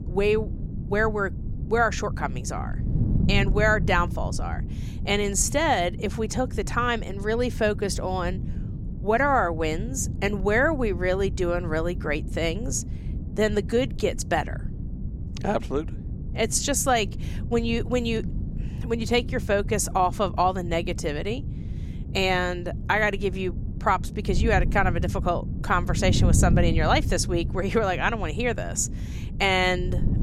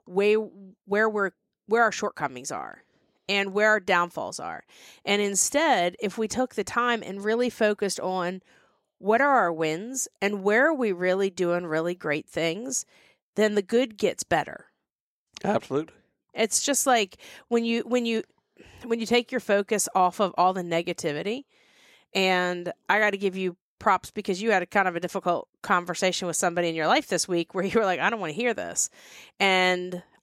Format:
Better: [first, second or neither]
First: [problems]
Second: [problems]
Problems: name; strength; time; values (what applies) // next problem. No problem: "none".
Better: second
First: wind noise on the microphone; occasional gusts; 15 dB below the speech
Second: none